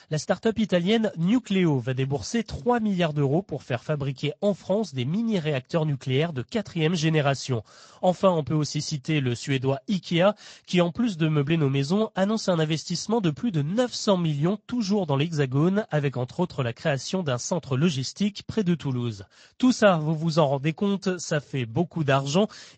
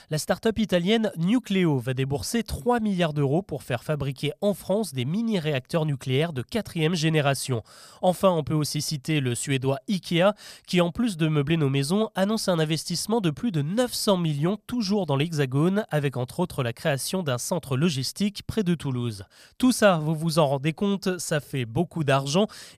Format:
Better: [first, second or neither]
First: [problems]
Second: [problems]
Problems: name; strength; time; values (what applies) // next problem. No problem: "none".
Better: second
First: garbled, watery; slightly; nothing above 7.5 kHz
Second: none